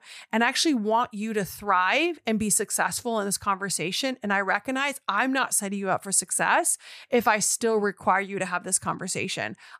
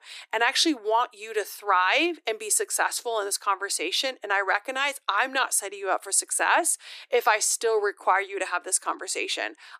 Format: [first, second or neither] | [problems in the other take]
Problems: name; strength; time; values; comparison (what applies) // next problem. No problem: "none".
first | thin; very; fading below 300 Hz